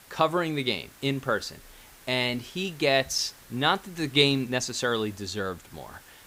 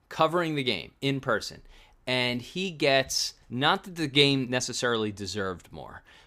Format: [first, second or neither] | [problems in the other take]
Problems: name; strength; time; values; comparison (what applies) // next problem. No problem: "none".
second | hiss; faint; throughout; 25 dB below the speech